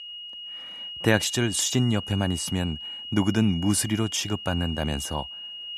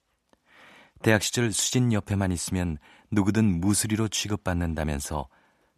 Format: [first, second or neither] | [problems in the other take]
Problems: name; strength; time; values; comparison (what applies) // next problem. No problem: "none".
second | high-pitched whine; loud; throughout; 3 kHz, 9 dB below the speech